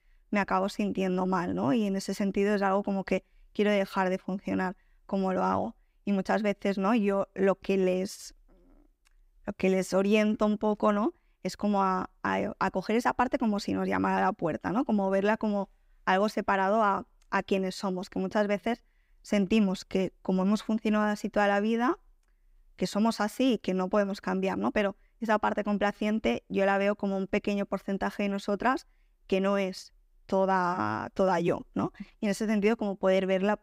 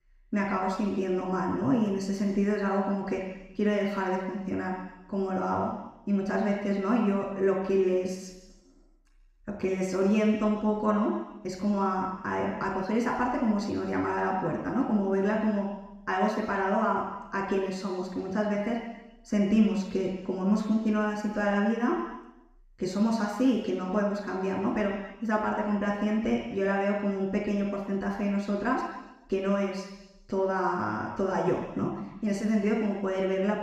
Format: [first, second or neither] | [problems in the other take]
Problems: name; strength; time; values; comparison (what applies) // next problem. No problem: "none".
first | room echo; noticeable; dies away in 1 s // off-mic speech; far